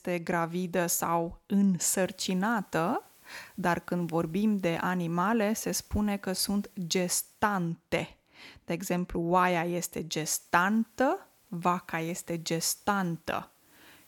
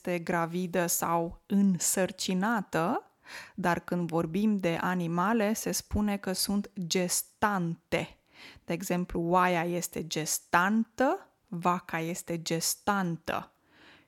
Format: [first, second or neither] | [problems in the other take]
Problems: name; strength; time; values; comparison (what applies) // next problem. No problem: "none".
second | hiss; faint; from 2 to 7.5 s and from 10 s on; 30 dB below the speech